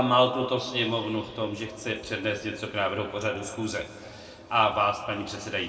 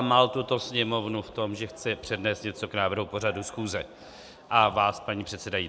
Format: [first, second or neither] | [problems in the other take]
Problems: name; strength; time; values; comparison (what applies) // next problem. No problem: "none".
second | room echo; dies away in 1.9 s